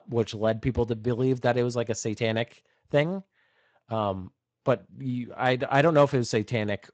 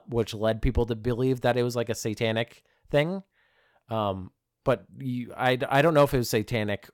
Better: second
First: garbled, watery; slightly; nothing above 7.5 kHz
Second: none

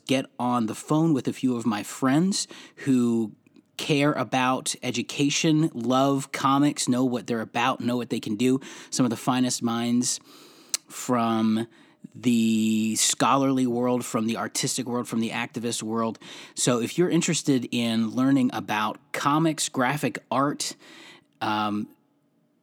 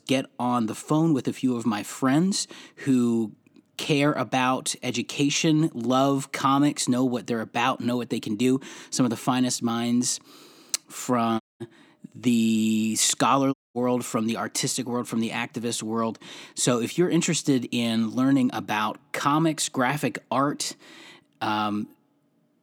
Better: first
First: none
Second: audio cutting out; at 11 s and at 14 s

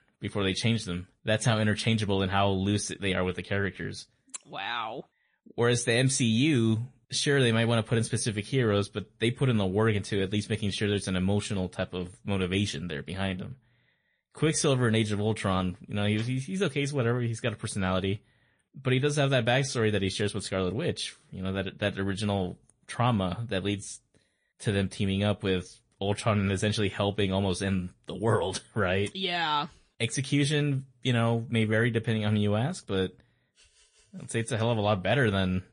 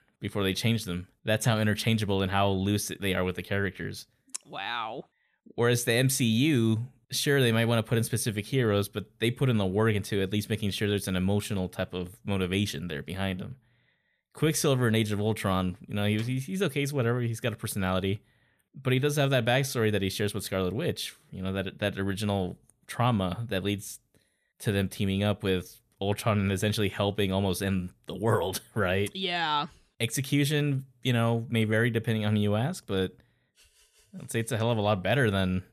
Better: second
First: garbled, watery; slightly; nothing above 10 kHz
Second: none

